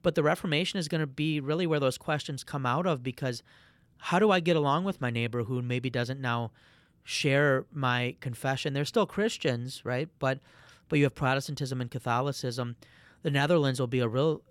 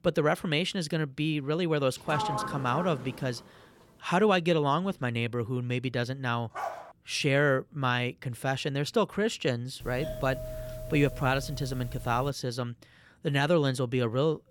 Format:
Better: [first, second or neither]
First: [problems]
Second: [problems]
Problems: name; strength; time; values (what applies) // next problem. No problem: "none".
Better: first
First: none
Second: door banging; noticeable; from 2 to 3.5 s; peak 2 dB below the speech // dog barking; noticeable; at 6.5 s; peak 8 dB below the speech // doorbell; noticeable; from 10 to 12 s; peak 9 dB below the speech